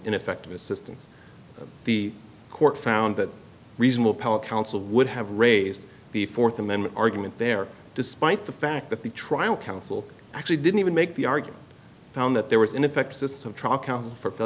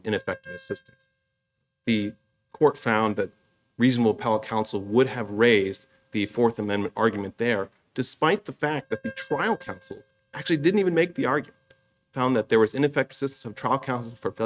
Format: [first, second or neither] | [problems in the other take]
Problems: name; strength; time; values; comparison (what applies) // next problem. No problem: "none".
first | noise reduction (neural mask model RNNoise)